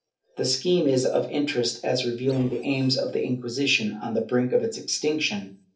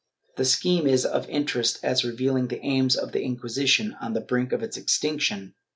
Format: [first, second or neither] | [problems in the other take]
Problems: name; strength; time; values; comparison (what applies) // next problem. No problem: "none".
second | noise reduction (neural separator model SepFormer DNS4)